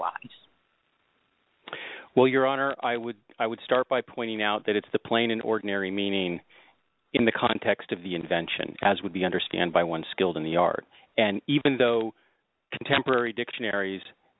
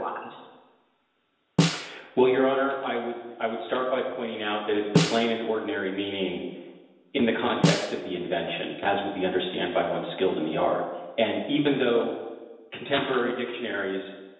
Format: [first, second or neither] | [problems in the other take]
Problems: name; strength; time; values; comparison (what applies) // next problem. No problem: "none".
first | background sound (Snare drum); 2 dB below the speech // room echo; dies away in 1 s